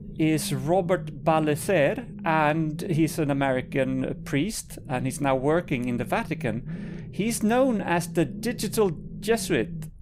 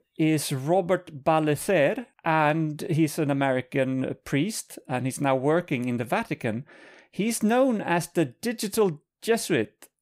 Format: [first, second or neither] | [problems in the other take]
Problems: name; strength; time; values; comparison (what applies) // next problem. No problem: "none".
second | low rumble; noticeable; throughout; 20 dB below the speech